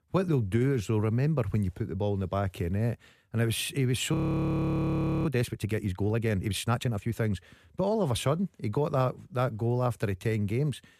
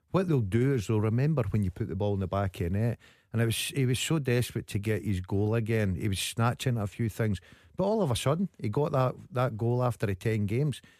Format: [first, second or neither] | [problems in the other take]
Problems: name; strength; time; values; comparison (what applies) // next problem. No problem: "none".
second | audio freezing; at 4 s for 1 s